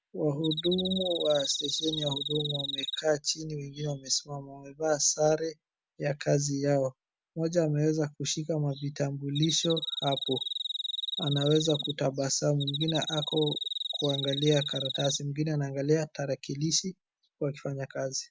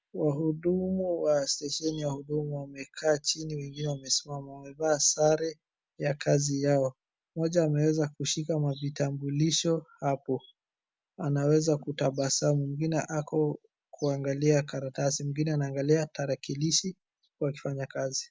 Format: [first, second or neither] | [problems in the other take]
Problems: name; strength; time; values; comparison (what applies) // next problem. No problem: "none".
second | background sound (Cricket); 5 dB below the speech